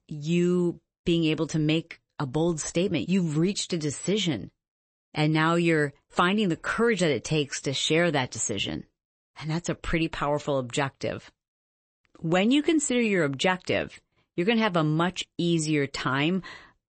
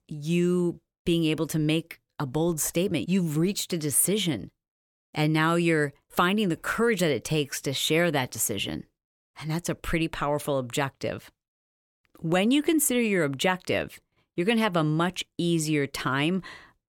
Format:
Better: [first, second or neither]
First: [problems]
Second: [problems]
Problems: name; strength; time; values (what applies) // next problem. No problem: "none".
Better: second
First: garbled, watery; slightly; nothing above 8 kHz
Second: none